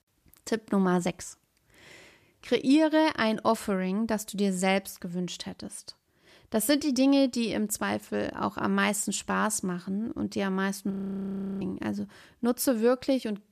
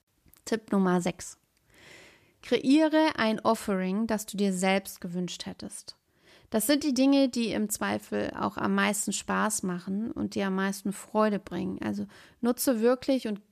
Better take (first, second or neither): second